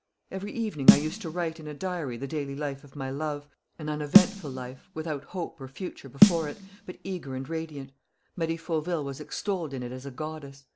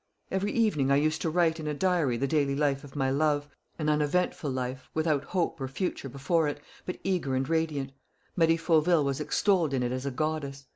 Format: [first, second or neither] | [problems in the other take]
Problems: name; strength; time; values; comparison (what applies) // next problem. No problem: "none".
second | background sound (Snare drum); 5 dB above the speech